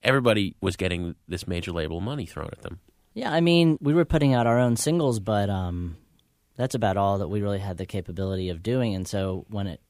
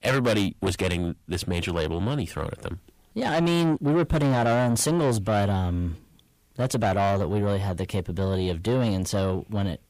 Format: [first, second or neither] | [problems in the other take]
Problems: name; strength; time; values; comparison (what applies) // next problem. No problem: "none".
first | distortion; heavy; 7 dB below the speech